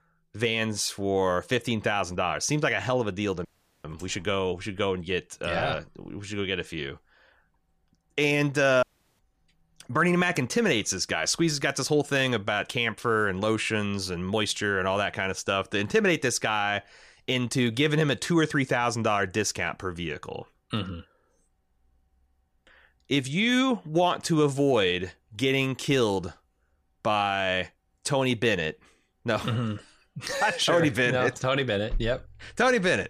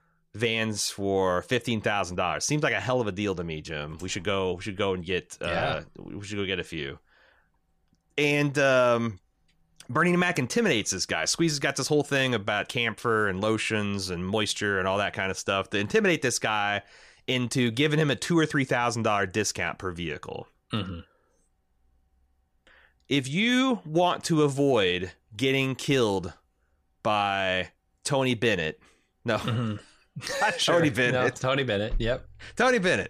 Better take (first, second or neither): second